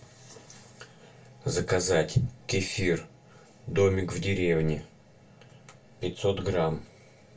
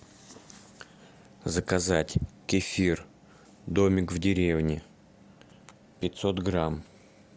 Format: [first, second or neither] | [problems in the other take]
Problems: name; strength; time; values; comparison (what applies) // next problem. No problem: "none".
second | room echo; dies away in 0.2 s